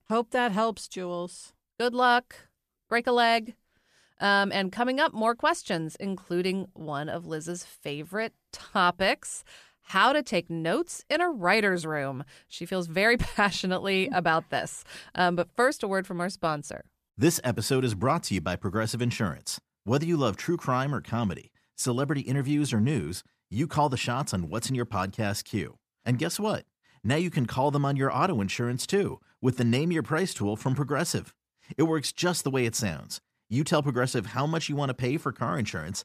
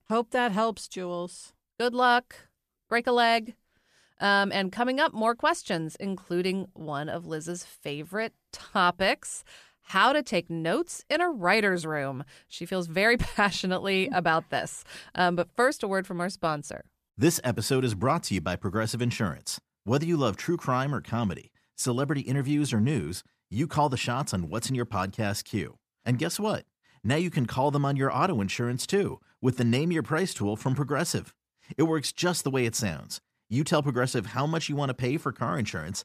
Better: neither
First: none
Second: none

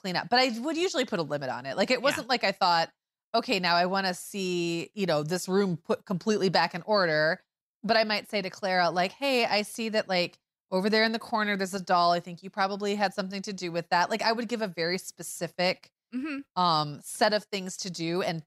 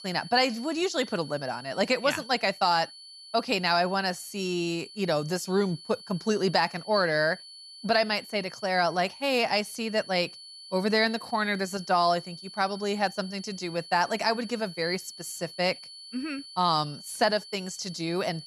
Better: first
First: none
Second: high-pitched whine; noticeable; throughout; 4.5 kHz, 15 dB below the speech

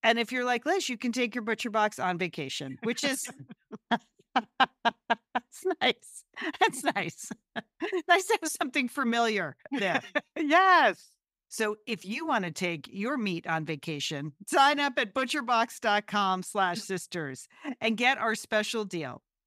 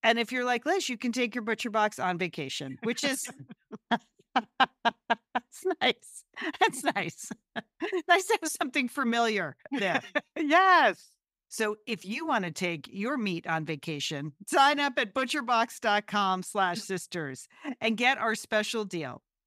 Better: neither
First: none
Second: none

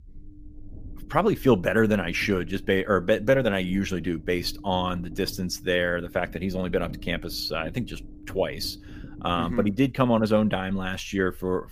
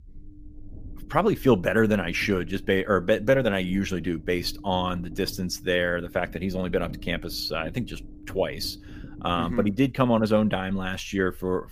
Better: neither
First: low rumble; faint; throughout; 25 dB below the speech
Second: low rumble; faint; throughout; 25 dB below the speech

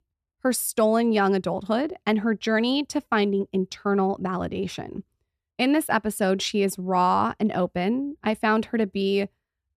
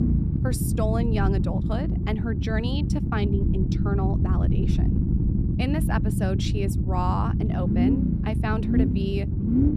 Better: first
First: none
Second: low rumble; loud; throughout; 2 dB below the speech

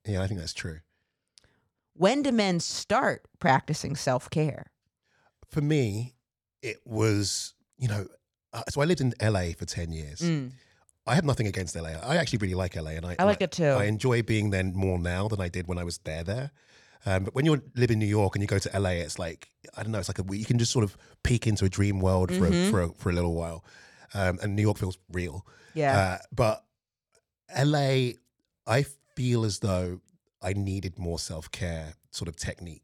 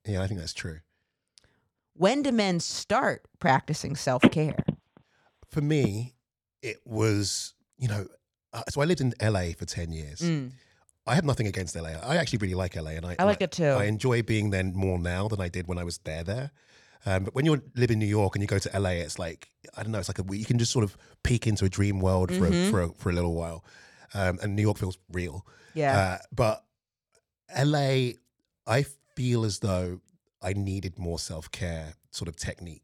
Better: first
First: none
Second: phone ringing; loud; from 4 to 6 s; peak 5 dB above the speech

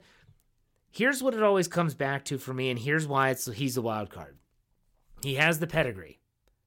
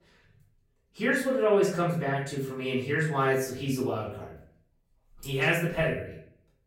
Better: first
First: none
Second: off-mic speech; far // room echo; noticeable; dies away in 0.5 s

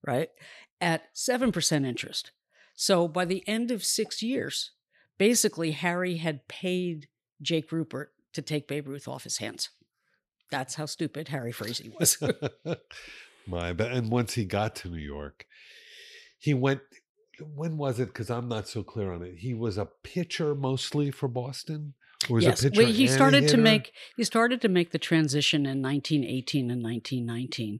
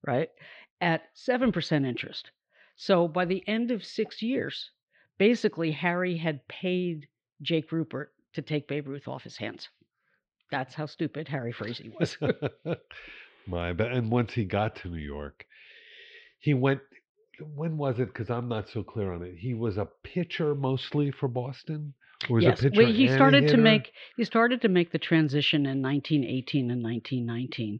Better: first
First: none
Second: muffled; slightly; fading above 3.5 kHz

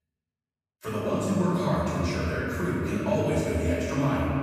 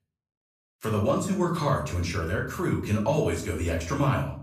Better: second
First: room echo; strong; dies away in 2.5 s // off-mic speech; far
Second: room echo; slight; dies away in 0.5 s // off-mic speech; far

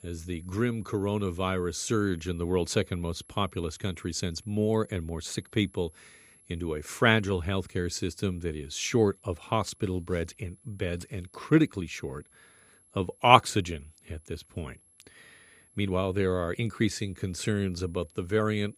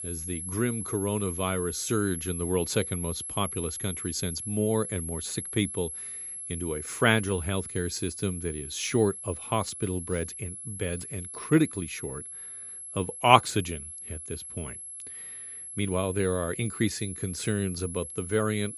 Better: first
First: high-pitched whine; faint; throughout; 11 kHz, 30 dB below the speech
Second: high-pitched whine; loud; throughout; 11 kHz, 7 dB below the speech

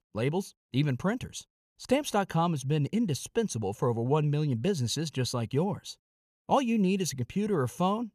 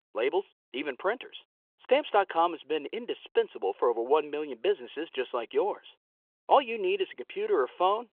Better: first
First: none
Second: phone-call audio; nothing above 3.5 kHz

